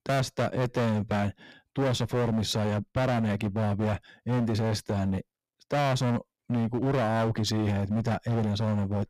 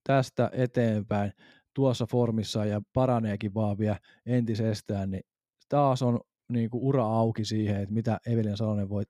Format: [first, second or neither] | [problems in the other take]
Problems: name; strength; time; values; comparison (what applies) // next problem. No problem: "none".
second | distortion; heavy; 25% of the sound clipped